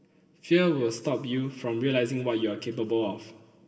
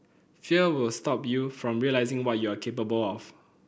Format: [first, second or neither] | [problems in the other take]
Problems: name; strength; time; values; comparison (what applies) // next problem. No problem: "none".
second | room echo; dies away in 2.8 s